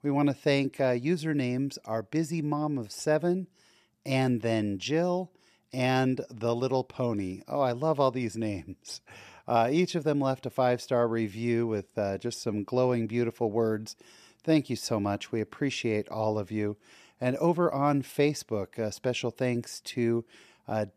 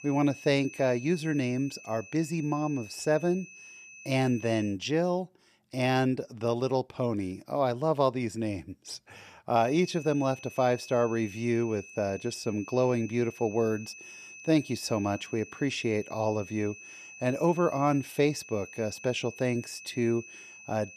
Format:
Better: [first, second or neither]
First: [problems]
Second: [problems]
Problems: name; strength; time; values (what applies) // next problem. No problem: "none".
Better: first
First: none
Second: high-pitched whine; noticeable; until 4.5 s and from 9.5 s on; 2.5 kHz, 15 dB below the speech